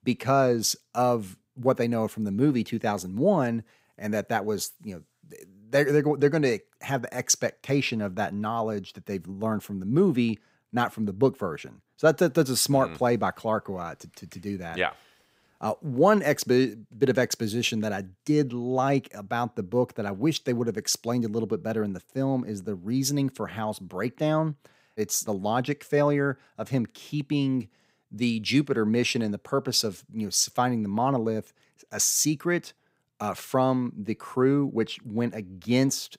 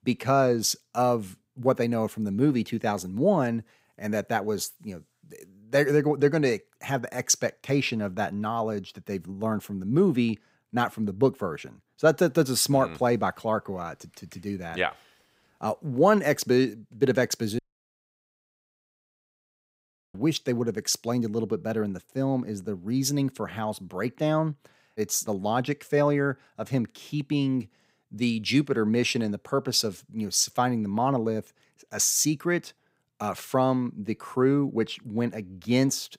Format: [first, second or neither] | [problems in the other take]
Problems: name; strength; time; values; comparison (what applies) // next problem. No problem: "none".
first | audio cutting out; at 18 s for 2.5 s